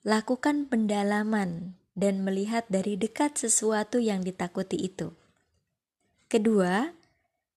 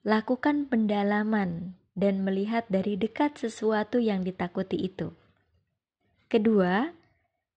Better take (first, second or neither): first